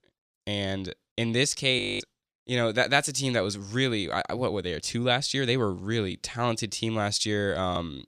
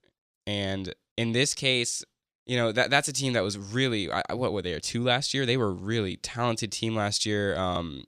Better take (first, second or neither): second